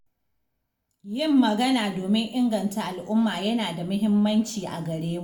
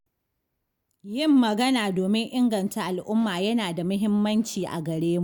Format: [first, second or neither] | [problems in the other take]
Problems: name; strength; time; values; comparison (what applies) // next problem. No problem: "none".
second | room echo; dies away in 0.5 s